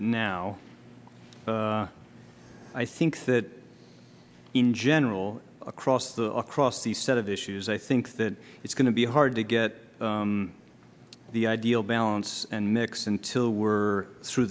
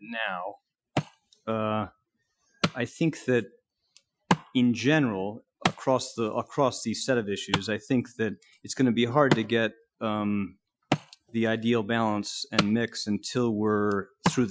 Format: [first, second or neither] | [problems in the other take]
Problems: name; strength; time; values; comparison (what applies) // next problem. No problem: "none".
first | noise reduction (classical method Wiener filter)